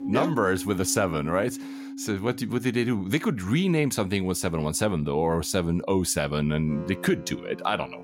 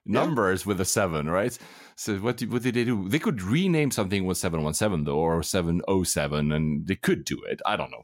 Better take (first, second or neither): second